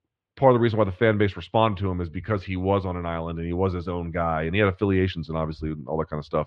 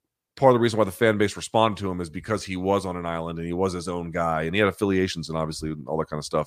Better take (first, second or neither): second